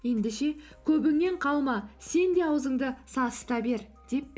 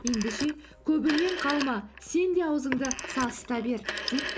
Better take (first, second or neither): first